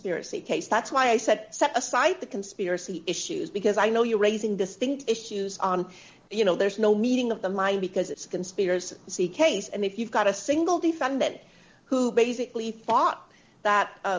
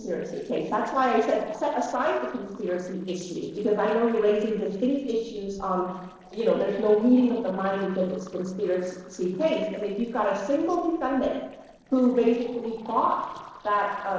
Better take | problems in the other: first | noise reduction (neural separator model SepFormer DNS4)

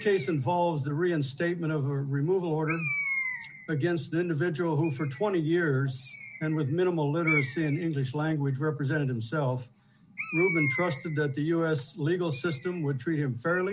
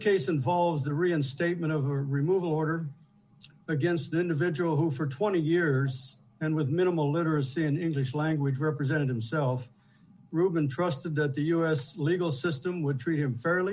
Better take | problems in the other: second | background sound (Bird); 11 dB below the speech

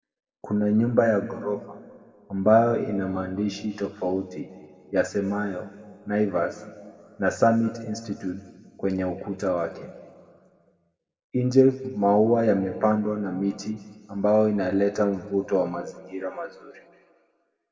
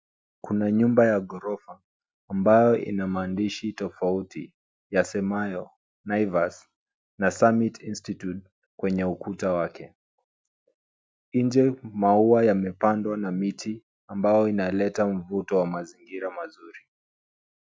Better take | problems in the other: second | room echo; dies away in 1.8 s

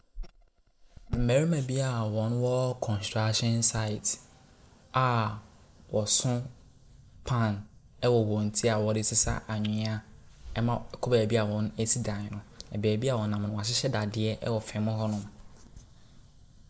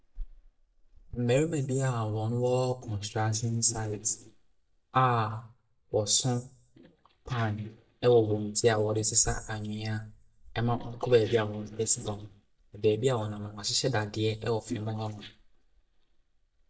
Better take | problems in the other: first | noise reduction (neural mask model DeepFilterNet 3)

